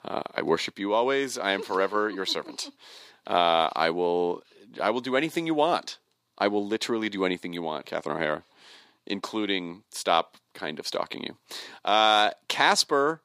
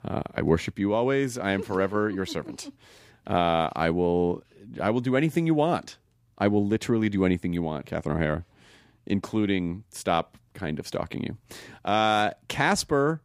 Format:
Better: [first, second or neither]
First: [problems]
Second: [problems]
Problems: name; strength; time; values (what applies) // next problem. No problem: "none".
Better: second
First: thin; somewhat; fading below 350 Hz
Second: none